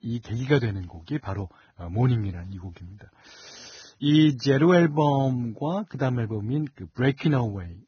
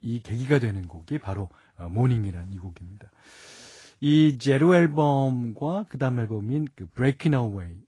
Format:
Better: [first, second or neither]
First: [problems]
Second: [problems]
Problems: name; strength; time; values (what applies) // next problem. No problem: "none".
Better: second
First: garbled, watery; badly; nothing above 6.5 kHz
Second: garbled, watery; slightly; nothing above 10.5 kHz